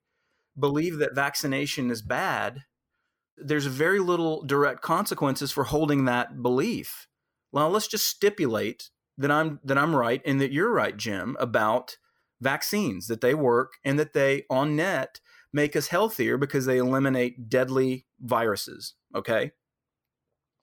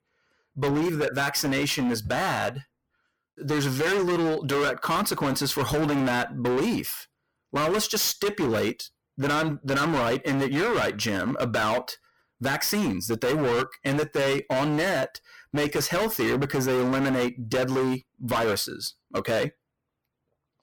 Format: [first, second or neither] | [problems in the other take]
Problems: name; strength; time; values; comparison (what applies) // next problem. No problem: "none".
first | distortion; heavy; 24% of the sound clipped